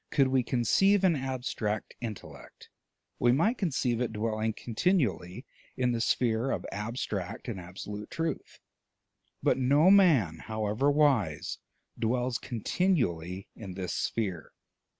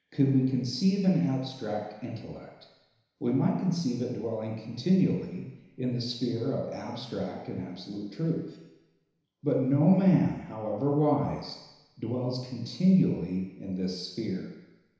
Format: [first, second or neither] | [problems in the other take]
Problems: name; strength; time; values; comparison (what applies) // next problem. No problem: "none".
first | room echo; dies away in 1 s